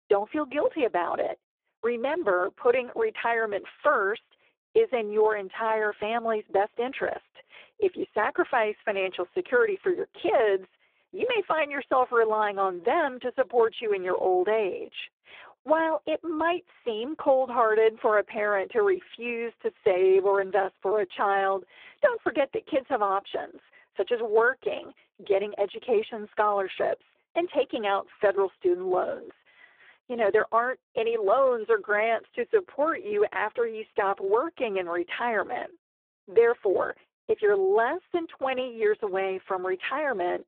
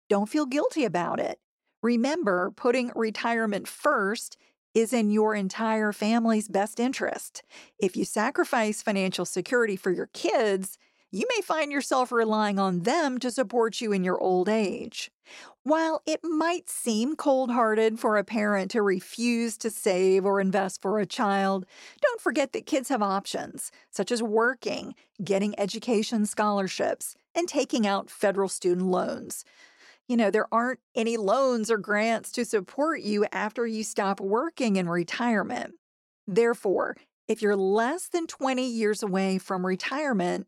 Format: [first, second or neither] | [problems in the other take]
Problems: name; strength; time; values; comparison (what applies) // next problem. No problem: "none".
second | phone-call audio; poor line